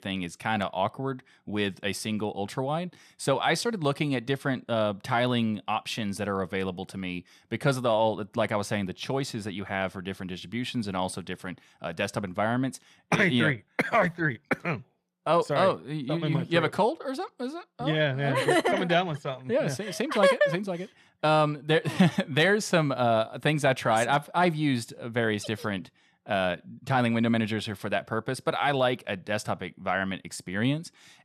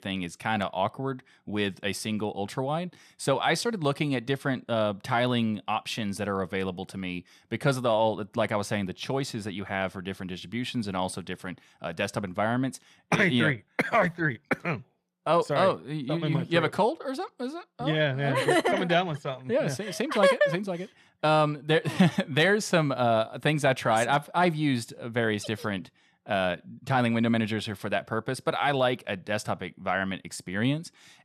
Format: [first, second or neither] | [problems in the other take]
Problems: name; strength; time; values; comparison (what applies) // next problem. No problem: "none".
neither | none